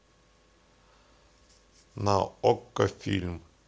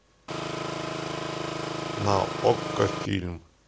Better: first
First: none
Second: background sound (Engine); 2 dB below the speech

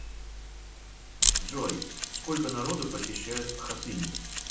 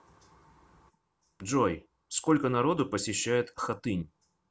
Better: second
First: background sound (Mechanisms); 3 dB above the speech // room echo; dies away in 0.6 s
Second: none

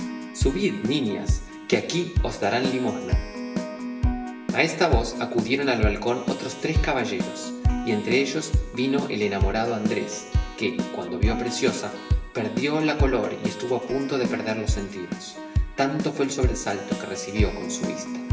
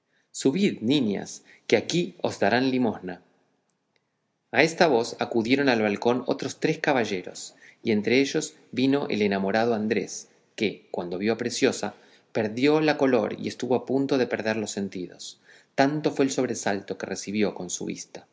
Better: second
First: background sound (Keyboard (musical)); 1 dB below the speech // room echo; dies away in 1 s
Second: none

